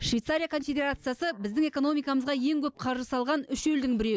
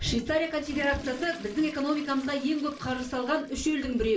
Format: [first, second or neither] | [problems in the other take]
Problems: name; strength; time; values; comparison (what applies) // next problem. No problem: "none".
first | background sound (Toilet flush / Water); 15 dB below the speech // room echo; dies away in 0.2 s